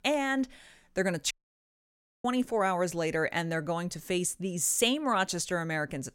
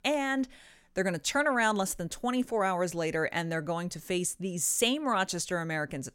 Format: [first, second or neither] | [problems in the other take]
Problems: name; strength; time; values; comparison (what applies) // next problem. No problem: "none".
second | audio cutting out; at 1.5 s for 1 s